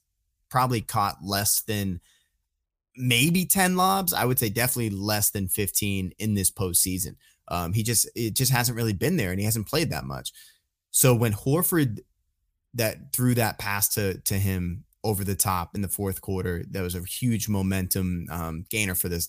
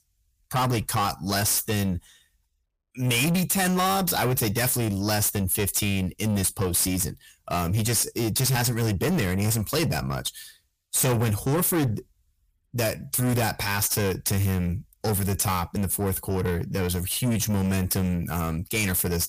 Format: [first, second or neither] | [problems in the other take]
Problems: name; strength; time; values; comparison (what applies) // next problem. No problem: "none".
first | distortion; heavy; 7 dB below the speech